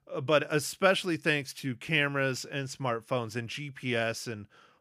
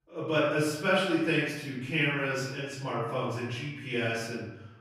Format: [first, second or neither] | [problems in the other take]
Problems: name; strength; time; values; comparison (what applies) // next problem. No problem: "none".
first | room echo; noticeable; dies away in 0.9 s // off-mic speech; far